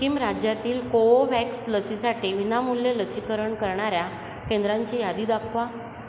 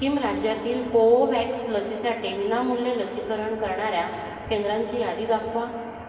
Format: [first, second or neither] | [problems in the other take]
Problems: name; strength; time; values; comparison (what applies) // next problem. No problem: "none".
first | room echo; dies away in 2.3 s